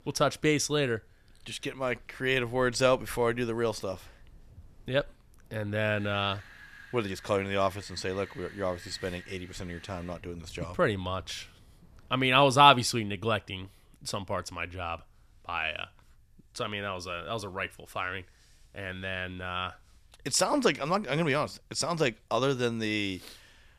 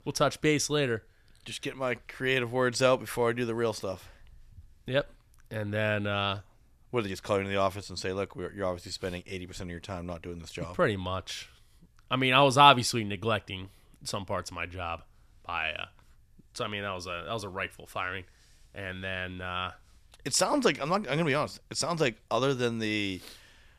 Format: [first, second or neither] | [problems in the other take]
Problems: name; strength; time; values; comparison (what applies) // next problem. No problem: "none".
second | wind in the background; faint; until 13 s; 25 dB below the speech